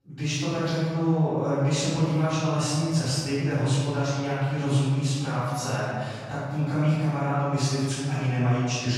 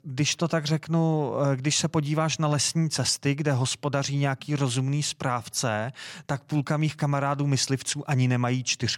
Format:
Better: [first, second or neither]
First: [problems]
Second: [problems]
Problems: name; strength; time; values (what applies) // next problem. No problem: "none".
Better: second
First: off-mic speech; far // room echo; strong; dies away in 2 s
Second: none